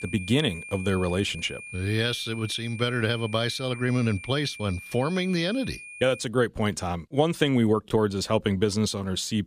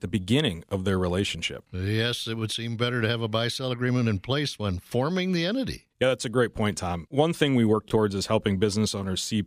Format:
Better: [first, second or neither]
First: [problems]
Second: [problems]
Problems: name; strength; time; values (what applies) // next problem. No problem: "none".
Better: second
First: high-pitched whine; noticeable; until 6 s; 2.5 kHz, 15 dB below the speech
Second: none